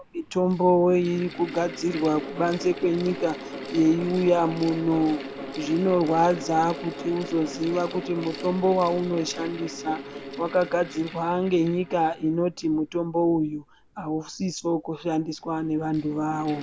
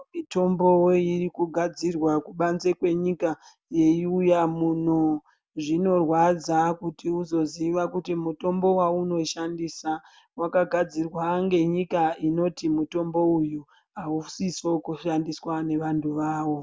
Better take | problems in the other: second | background sound (Mechanical fan); 13 dB below the speech

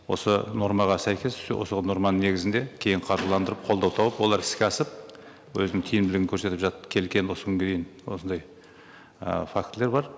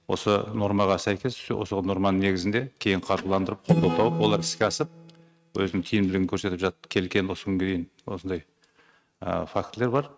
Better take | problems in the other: first | noise reduction (neural mask model RNNoise)

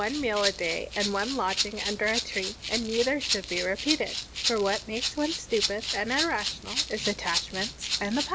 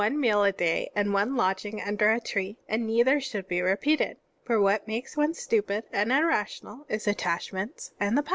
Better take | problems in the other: second | background sound (Rattle (instrument)); 2 dB below the speech

